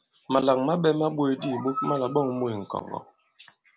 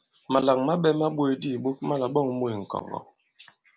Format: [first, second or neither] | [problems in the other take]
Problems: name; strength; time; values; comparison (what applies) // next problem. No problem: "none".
second | background sound (Animal); 11 dB below the speech